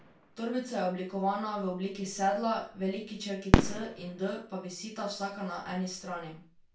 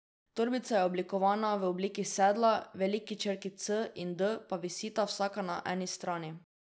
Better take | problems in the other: second | background sound (Fireworks); 1 dB below the speech // room echo; dies away in 0.3 s

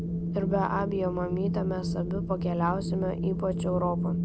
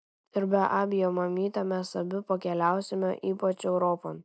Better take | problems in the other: second | background sound (Wind); 1 dB above the speech

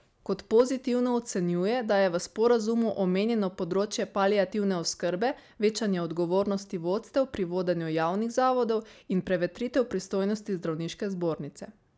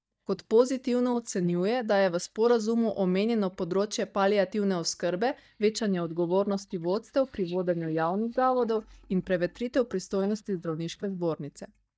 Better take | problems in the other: first | noise reduction (neural mask model DeepFilterNet 3)

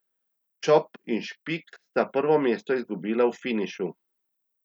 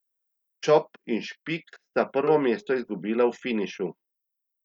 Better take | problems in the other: first | noise reduction (neural mask model DeepFilterNet 3)

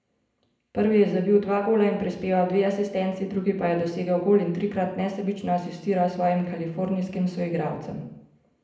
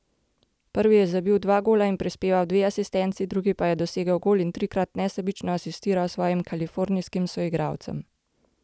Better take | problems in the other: second | room echo; dies away in 0.7 s

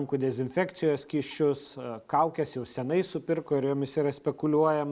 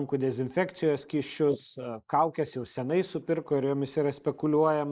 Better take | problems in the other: first | noise reduction (neural mask model Resemble Enhance denoiser)

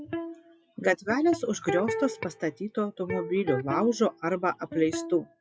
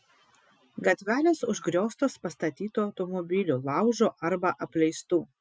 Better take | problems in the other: second | noise reduction (classical method log-MMSE)

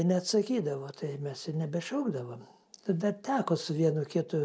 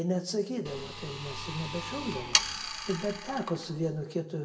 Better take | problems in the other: first | background sound (Sawing); 1 dB below the speech // room echo; dies away in 1.1 s

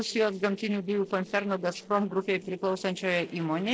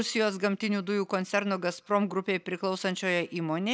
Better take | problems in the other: second | noise reduction (neural separator model SepFormer DNS4)

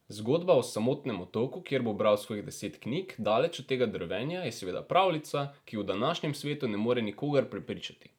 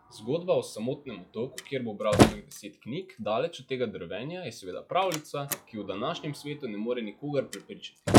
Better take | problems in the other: first | noise reduction (classical method log-MMSE)

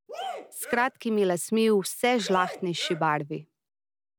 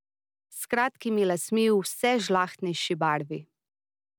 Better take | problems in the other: second | background sound (Cheering); 12 dB below the speech

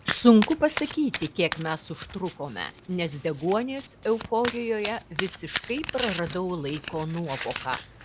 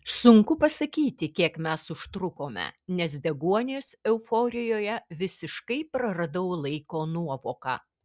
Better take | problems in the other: second | background sound (Domestic sounds, home sounds); 11 dB below the speech

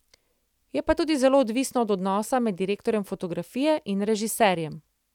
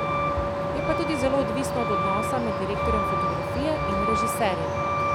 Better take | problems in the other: first | background sound (Truck); 4 dB above the speech

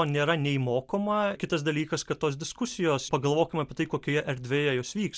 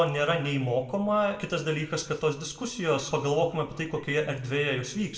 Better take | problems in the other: first | room echo; dies away in 0.8 s

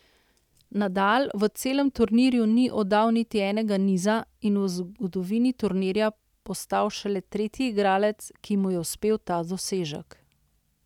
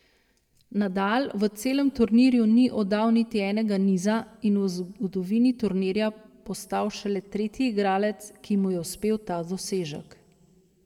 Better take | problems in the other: first | room echo; dies away in 0.9 s

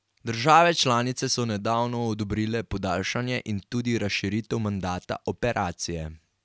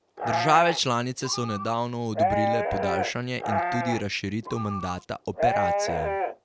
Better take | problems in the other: first | background sound (Livestock, farm animals, working animals); 1 dB below the speech

